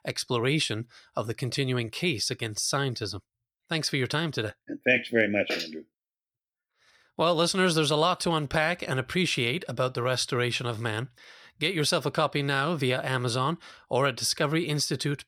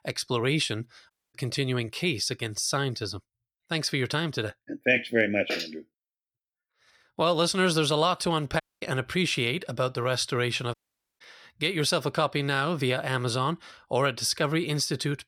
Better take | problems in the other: first | audio cutting out; at 1 s, at 8.5 s and at 11 s

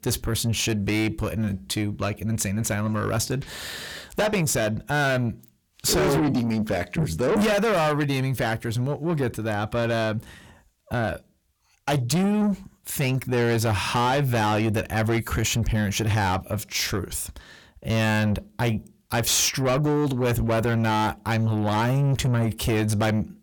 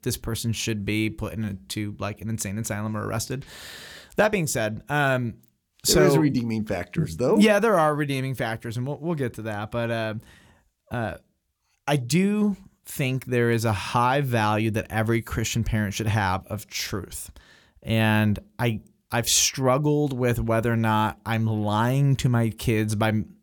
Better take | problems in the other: second | distortion; heavy; 7 dB below the speech

